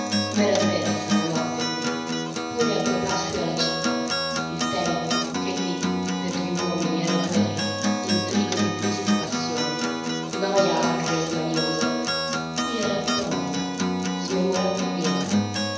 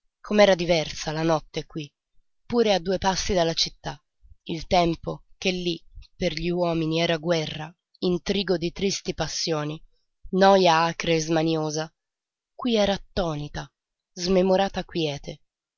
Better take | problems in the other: second | background sound (Acoustic guitar); 3 dB above the speech // room echo; dies away in 1.1 s

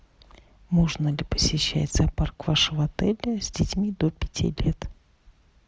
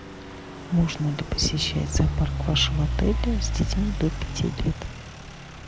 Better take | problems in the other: first | background sound (Idling / Truck); 3 dB below the speech

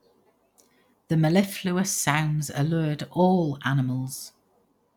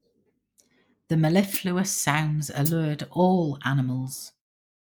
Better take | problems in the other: first | noise reduction (neural mask model Resemble Enhance denoiser)

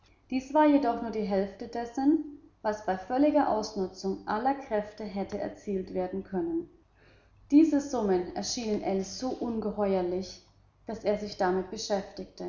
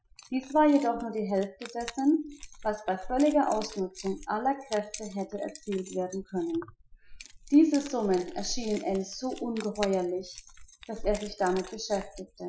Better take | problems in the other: first | noise reduction (classical method Wiener filter)

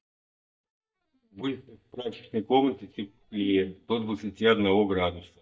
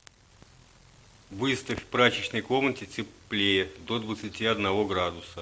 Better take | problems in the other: second | noise reduction (neural mask model DeepFilterNet 3)

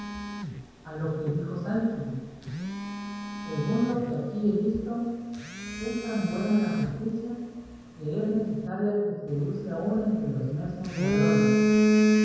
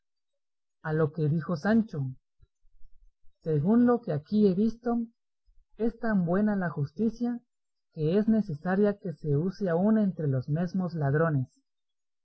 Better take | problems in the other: second | background sound (Telephone); as loud as the speech // room echo; dies away in 1.2 s

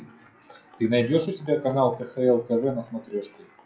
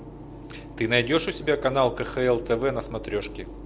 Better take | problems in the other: second | noise reduction (classical method WPE with log-MMSE)

